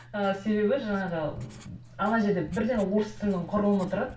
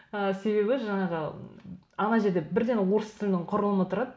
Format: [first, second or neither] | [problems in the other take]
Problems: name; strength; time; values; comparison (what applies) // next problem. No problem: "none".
second | background sound (Writing); 19 dB below the speech // room echo; dies away in 0.1 s